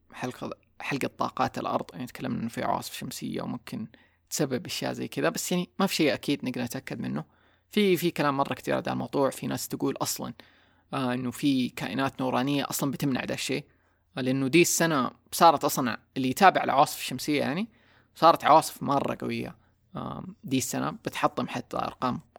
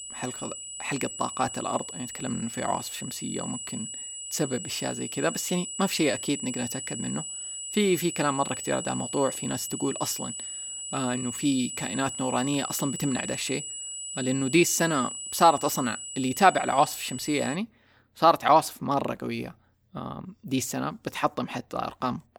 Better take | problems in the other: first | high-pitched whine; loud; until 18 s; 8 kHz, 7 dB below the speech

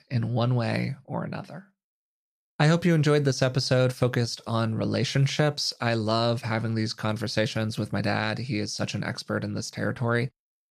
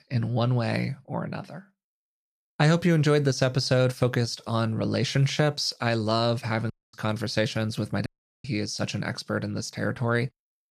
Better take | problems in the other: first | audio cutting out; at 6.5 s and at 8 s

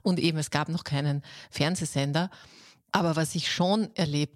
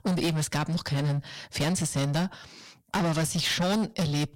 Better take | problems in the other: first | distortion; heavy; 22% of the sound clipped

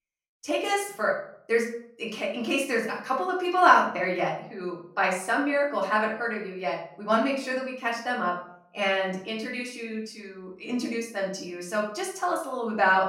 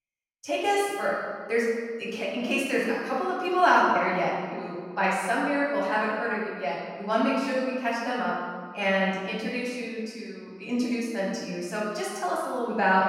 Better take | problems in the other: first | room echo; strong; dies away in 1.5 s; slight in the first // off-mic speech; far; far in the first

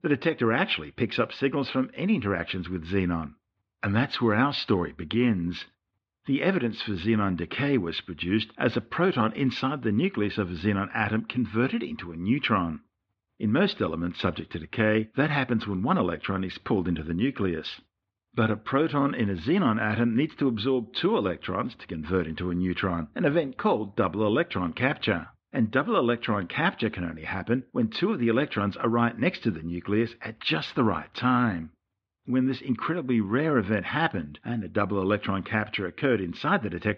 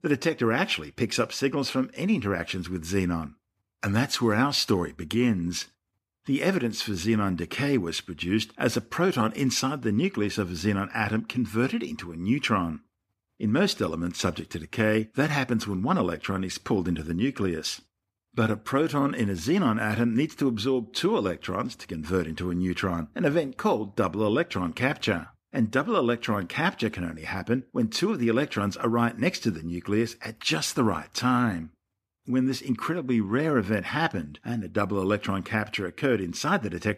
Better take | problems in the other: second | muffled; slightly; fading above 4 kHz

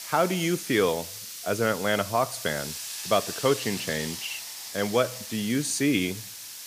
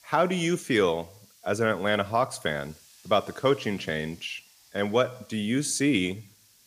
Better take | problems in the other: second | hiss; loud; throughout; 8 dB below the speech; faint in the second

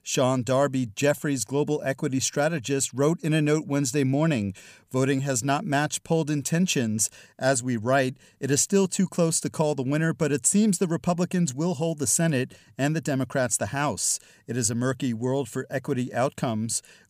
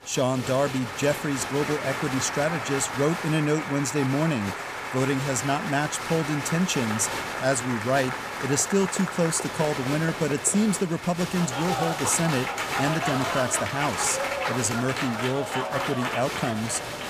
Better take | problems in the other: first | crowd noise; loud; throughout; 4 dB below the speech

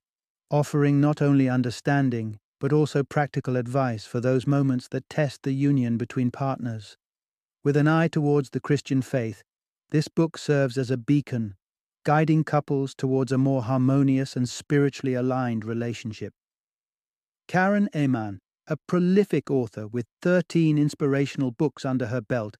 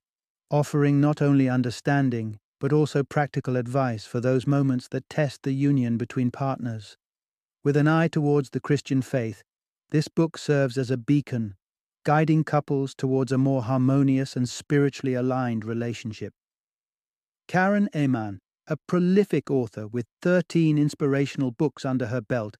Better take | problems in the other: neither | none

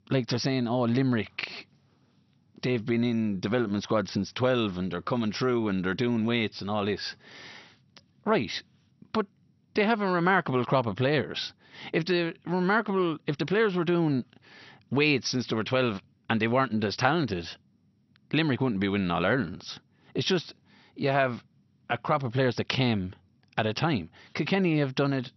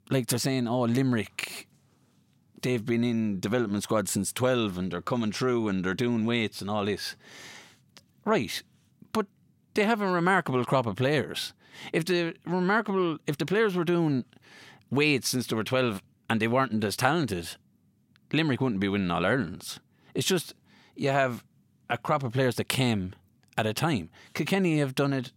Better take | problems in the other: second | garbled, watery; slightly; nothing above 6 kHz

